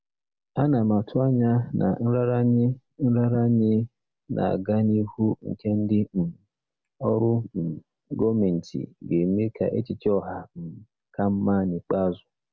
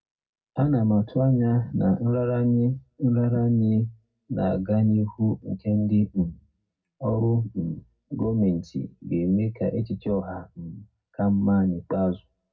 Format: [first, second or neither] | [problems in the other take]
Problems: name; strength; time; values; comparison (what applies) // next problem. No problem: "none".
first | room echo; dies away in 0.4 s